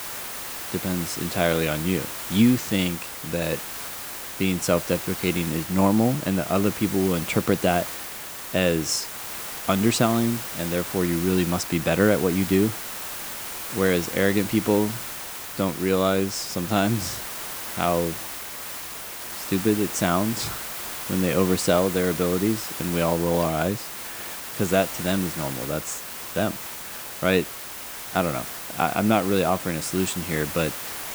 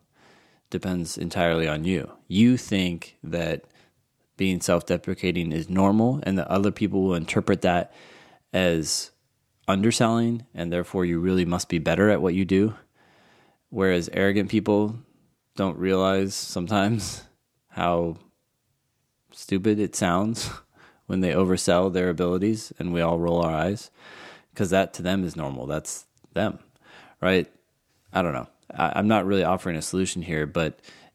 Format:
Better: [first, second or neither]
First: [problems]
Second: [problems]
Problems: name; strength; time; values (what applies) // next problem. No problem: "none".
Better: second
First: hiss; loud; throughout; 7 dB below the speech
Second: none